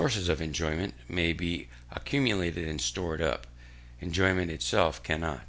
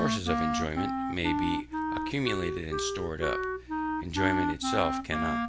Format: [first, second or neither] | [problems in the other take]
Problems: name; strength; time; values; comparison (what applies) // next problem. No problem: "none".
first | background sound (Wind instrument, woodwind instrument); 2 dB above the speech